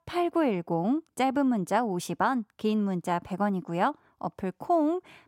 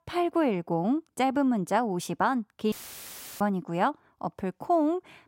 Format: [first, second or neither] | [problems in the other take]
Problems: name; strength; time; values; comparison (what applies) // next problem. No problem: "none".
first | audio cutting out; filled with static; at 2.5 s for 0.5 s